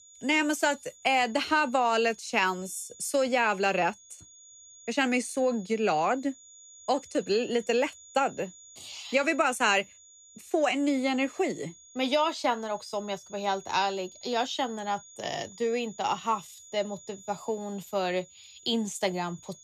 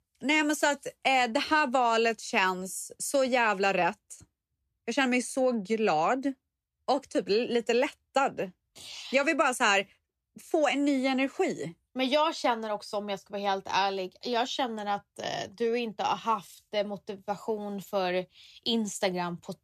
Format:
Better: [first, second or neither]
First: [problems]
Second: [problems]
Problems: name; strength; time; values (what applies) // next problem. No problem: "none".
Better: second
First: high-pitched whine; faint; throughout; 7 kHz, 20 dB below the speech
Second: none